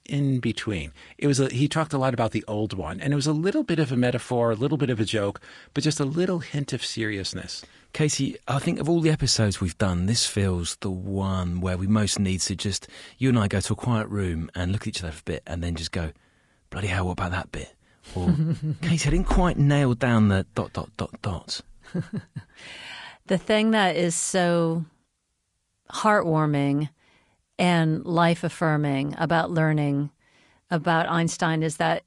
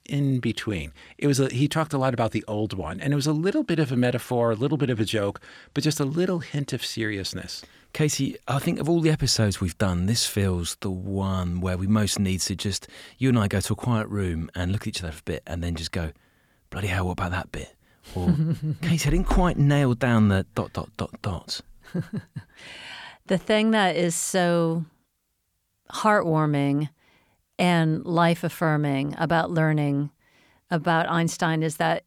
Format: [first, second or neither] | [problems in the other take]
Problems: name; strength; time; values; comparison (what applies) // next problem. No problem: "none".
second | garbled, watery; slightly; nothing above 10.5 kHz